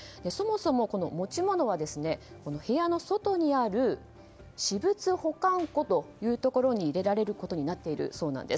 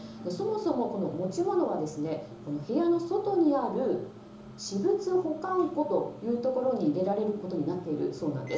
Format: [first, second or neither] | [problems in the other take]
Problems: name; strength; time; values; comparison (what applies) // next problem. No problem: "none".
first | background sound (Microwave oven); 19 dB below the speech // room echo; dies away in 0.6 s